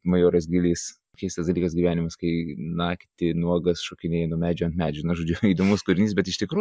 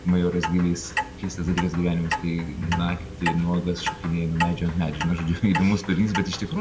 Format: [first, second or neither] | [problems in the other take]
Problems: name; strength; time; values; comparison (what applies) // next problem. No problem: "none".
first | background sound (Clock); 7 dB below the speech // room echo; dies away in 0.7 s